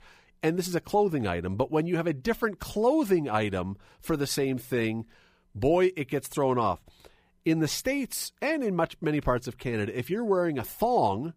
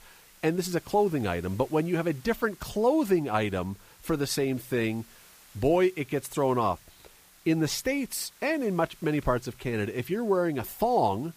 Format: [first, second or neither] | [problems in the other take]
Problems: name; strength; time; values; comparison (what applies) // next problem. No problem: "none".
first | hiss; faint; throughout; 25 dB below the speech